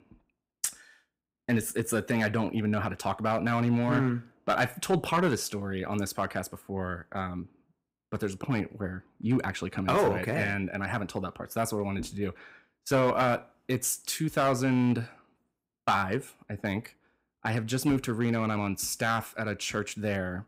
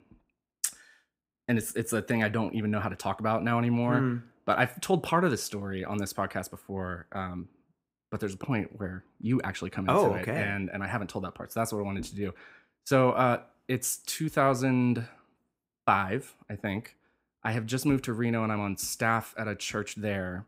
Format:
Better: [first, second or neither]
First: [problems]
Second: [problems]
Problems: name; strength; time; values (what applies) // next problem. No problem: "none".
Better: second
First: distortion; slight; 2% of the sound clipped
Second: none